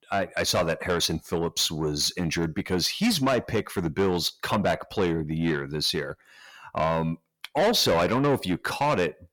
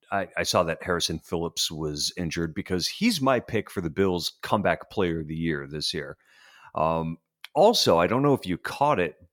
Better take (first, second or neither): second